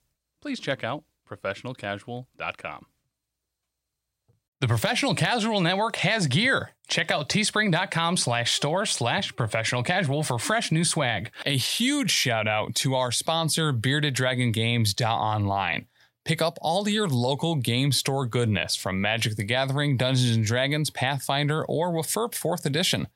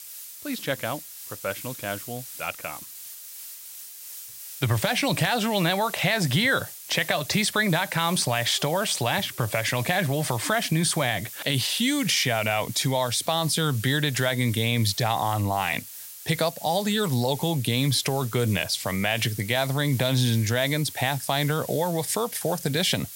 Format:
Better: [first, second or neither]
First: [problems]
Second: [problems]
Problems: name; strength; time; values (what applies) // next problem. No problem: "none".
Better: first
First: none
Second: hiss; noticeable; throughout; 15 dB below the speech